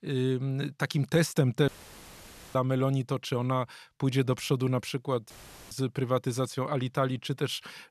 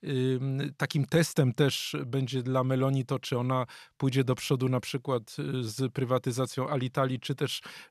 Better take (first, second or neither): second